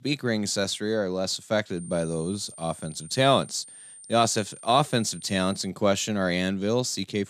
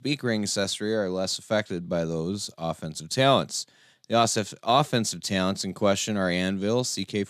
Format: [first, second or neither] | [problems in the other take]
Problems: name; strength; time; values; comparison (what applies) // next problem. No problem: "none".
second | high-pitched whine; noticeable; from 2 to 5.5 s; 9 kHz, 15 dB below the speech